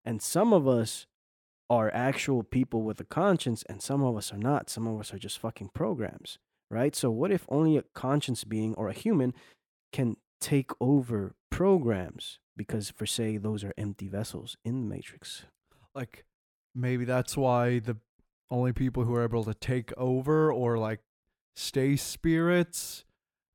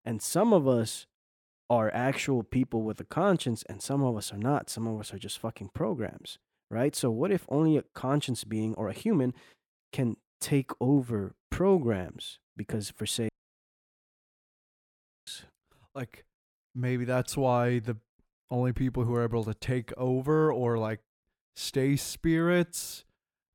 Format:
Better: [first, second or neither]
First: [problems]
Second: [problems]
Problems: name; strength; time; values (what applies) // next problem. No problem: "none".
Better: first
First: none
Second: audio cutting out; at 13 s for 2 s